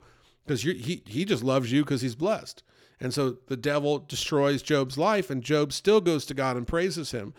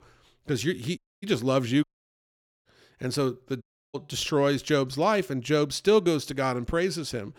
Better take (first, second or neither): first